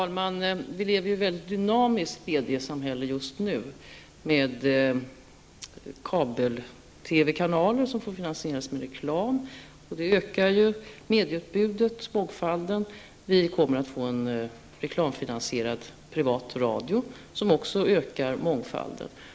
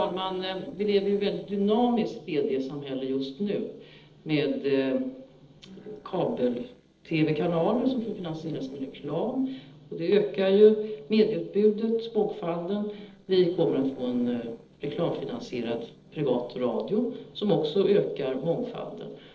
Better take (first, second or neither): first